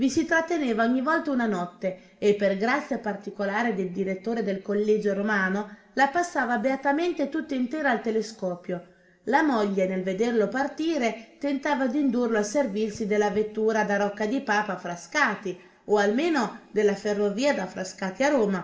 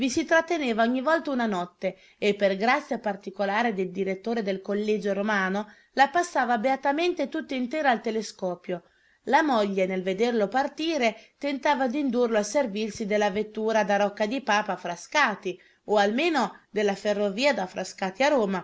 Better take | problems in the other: second | room echo; dies away in 1.2 s

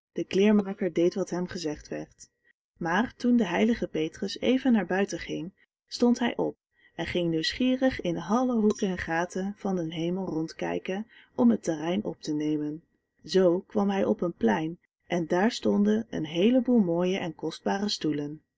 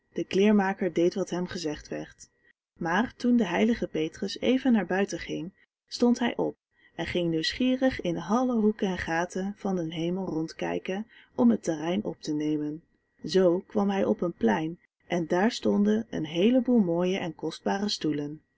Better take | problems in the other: second | noise reduction (neural mask model DeepFilterNet 3)

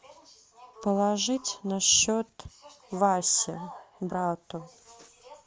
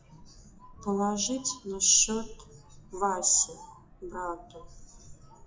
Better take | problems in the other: first | noise reduction (classical method WPE with log-MMSE)

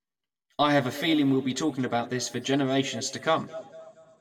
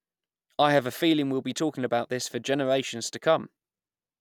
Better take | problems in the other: second | room echo; dies away in 1.2 s

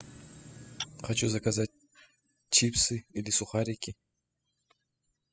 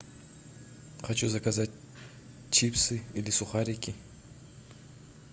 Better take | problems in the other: second | noise reduction (classical method spectral subtraction)

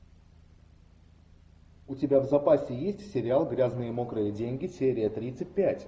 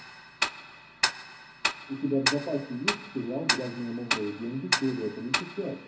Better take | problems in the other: first | background sound (Tick-tock); 1 dB above the speech // room echo; dies away in 0.3 s

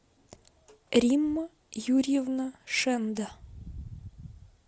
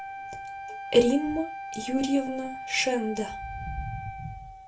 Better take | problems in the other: first | background sound (Wind instrument, woodwind instrument); 9 dB below the speech // room echo; dies away in 0.2 s

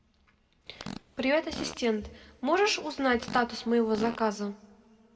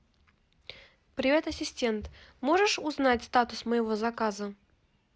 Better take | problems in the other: second | background sound (Fart); 15 dB below the speech // room echo; dies away in 1.2 s

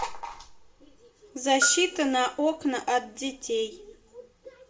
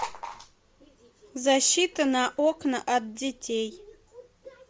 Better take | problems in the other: second | background sound (Bell); 8 dB below the speech // room echo; dies away in 0.5 s

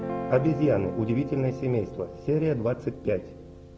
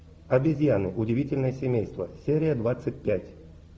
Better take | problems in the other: second | background sound (Guitar); 10 dB below the speech

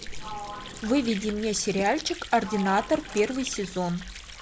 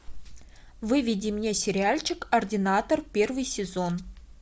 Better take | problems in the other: second | background sound (Sliding door + Sink (filling or washing) / Water); 12 dB below the speech

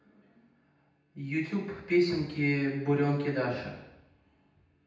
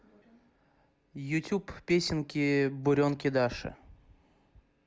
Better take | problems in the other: second | room echo; dies away in 0.9 s

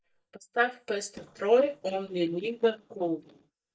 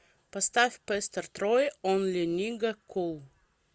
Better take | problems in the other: second | noise reduction (neural mask model DeepFilterNet 3)

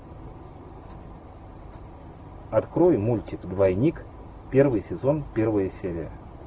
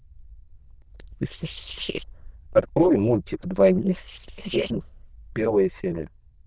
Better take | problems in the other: first | noise reduction (neural diffusion model UNIVERSE++)

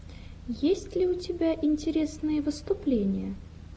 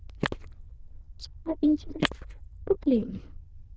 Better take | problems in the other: first | noise reduction (neural diffusion model UNIVERSE++)

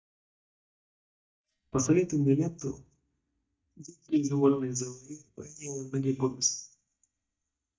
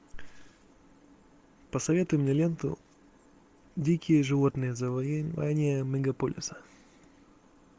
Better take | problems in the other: second | noise reduction (neural mask model DeepFilterNet 3)

